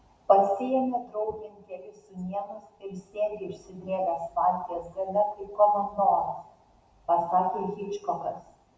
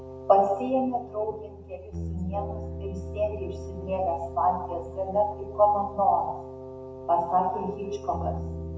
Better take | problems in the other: first | background sound (Bass guitar + Wind instrument, woodwind instrument); 9 dB below the speech

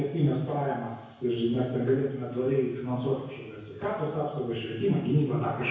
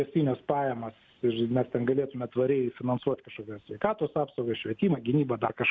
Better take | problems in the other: second | room echo; dies away in 1 s

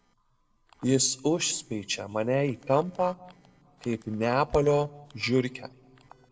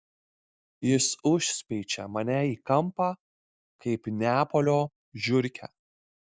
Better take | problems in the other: second | noise reduction (neural separator model SepFormer DNS4)

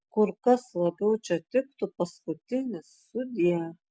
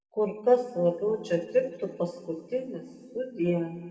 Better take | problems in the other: first | room echo; dies away in 2.4 s

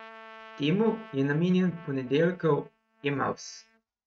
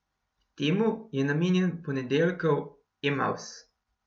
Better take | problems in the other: second | noise reduction (neural mask model RNNoise)

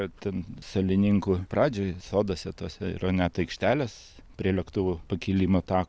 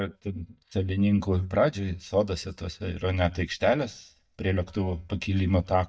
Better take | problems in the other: first | noise reduction (neural mask model DeepFilterNet 3)

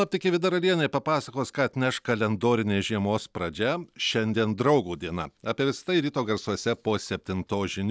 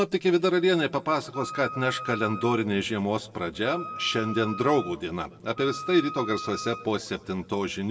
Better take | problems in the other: first | background sound (Wind instrument, woodwind instrument); 11 dB below the speech // room echo; dies away in 1.1 s

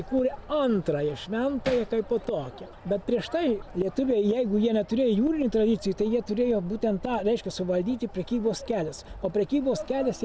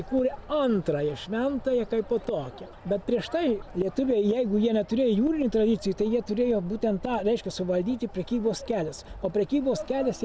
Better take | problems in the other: second | background sound (Hammer); 12 dB below the speech

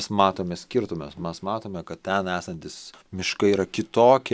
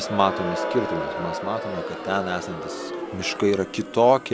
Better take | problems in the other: first | background sound (Crowd); 6 dB below the speech

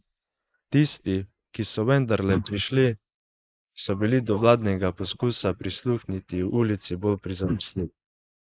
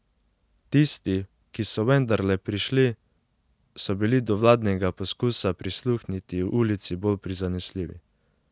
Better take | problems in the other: second | noise reduction (neural mask model Resemble Enhance denoiser)

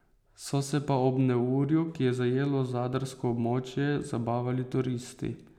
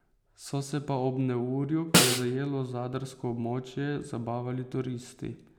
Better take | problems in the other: first | background sound (Snare drum); 4 dB above the speech

